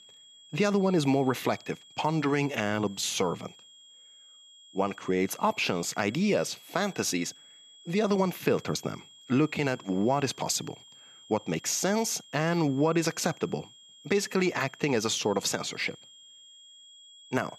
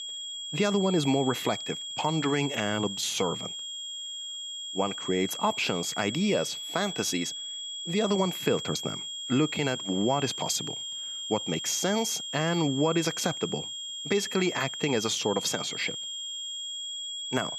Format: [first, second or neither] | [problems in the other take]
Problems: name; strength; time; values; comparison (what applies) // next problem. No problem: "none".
first | high-pitched whine; loud; throughout; 3.5 kHz, 5 dB below the speech; faint in the first